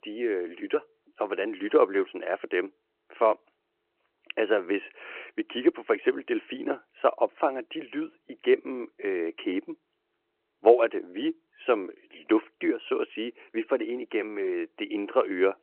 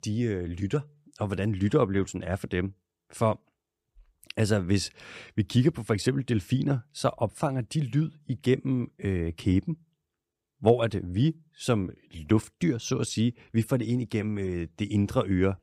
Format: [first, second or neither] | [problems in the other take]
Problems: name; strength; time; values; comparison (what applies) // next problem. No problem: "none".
second | phone-call audio